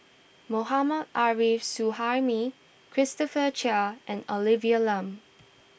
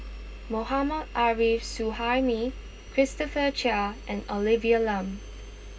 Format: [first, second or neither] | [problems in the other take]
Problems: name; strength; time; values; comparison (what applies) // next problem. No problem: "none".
first | background sound (Engine); 13 dB below the speech // room echo; dies away in 0.2 s